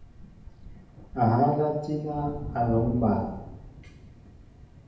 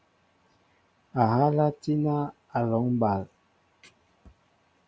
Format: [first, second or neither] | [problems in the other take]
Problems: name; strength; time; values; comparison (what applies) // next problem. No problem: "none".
second | background sound (Thunder); 12 dB below the speech // room echo; dies away in 0.8 s